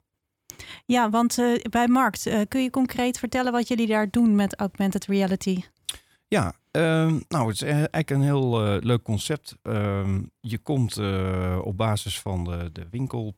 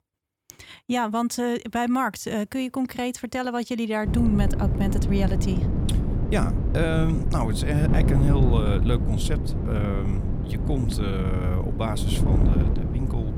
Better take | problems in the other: first | wind noise on the microphone; heavy; from 4 s on; 5 dB below the speech

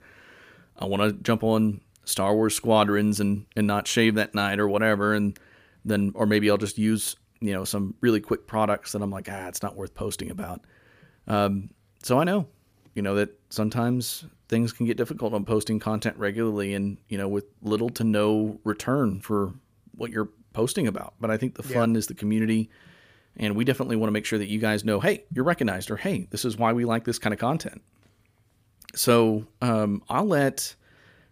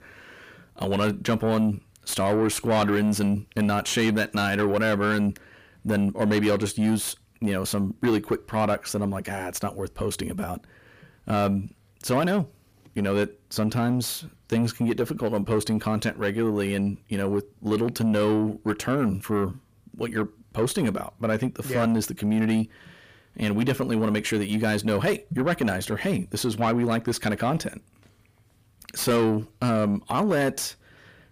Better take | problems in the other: first | distortion; slight; 10 dB below the speech

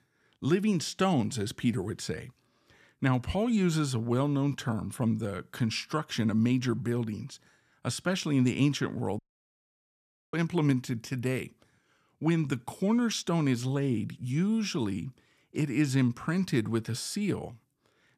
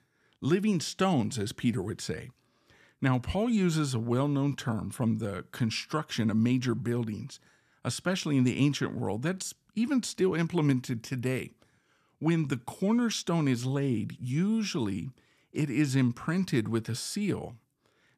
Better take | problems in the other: second | audio cutting out; at 9 s for 1 s

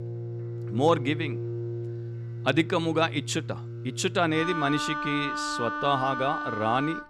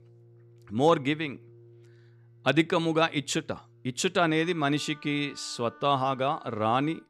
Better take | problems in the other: second | background music; loud; throughout; 6 dB below the speech; faint in the second

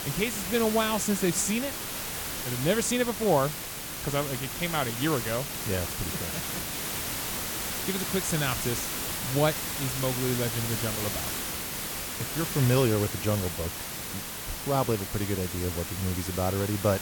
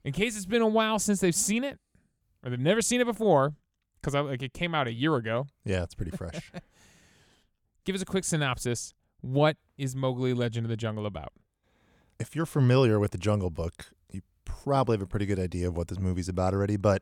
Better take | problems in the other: second | hiss; loud; throughout; 2 dB below the speech

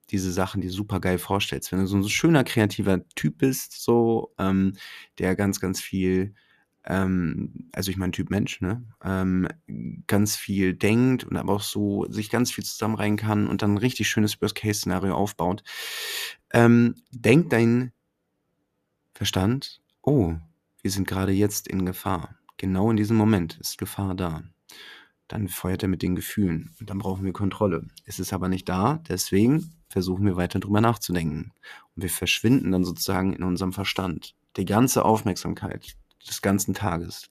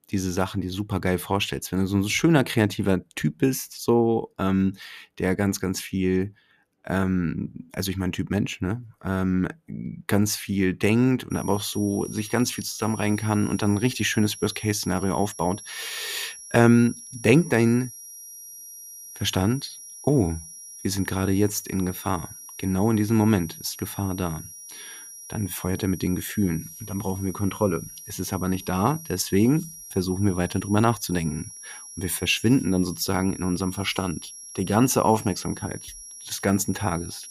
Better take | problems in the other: first | high-pitched whine; noticeable; from 11 s on; 5.5 kHz, 15 dB below the speech

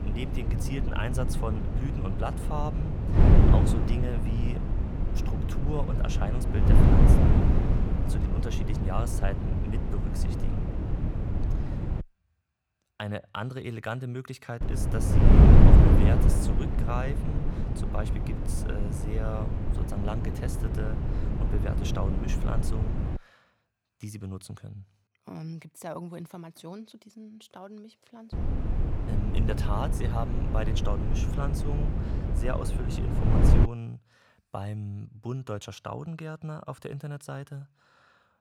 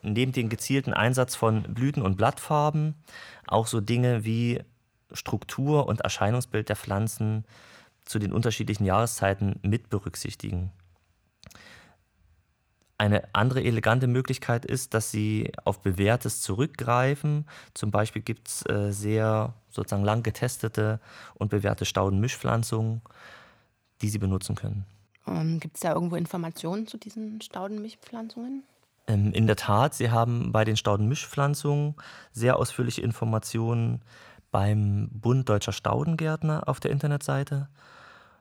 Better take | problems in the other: second | wind noise on the microphone; heavy; until 12 s, from 15 to 23 s and from 28 to 34 s; 2 dB above the speech

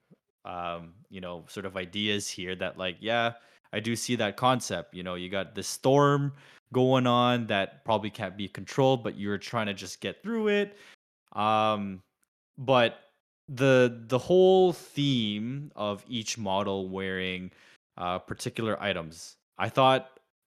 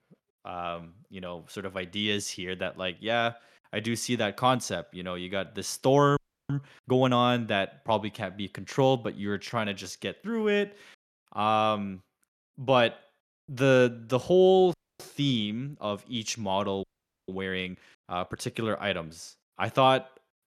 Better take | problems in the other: first | audio freezing; at 6 s, at 15 s and at 17 s

